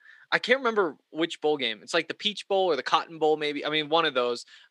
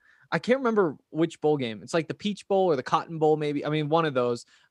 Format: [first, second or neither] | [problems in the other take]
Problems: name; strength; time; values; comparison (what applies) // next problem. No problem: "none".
second | thin; somewhat; fading below 350 Hz